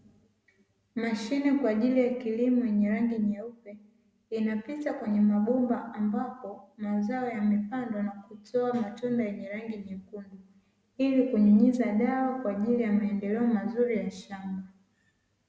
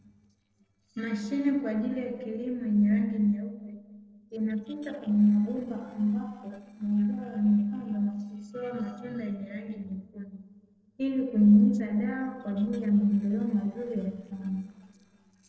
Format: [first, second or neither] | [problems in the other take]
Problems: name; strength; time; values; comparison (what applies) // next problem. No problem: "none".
first | noise reduction (neural separator model SepFormer DNS4)